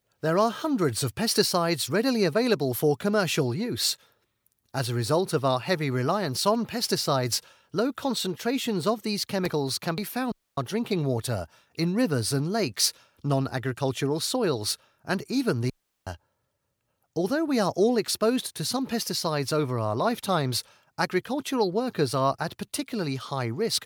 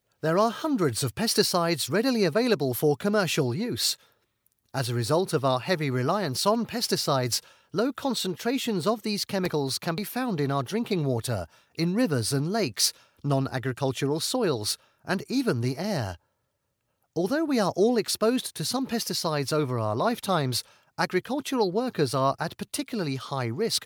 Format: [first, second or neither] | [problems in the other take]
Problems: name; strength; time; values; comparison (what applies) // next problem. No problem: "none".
second | audio cutting out; at 10 s and at 16 s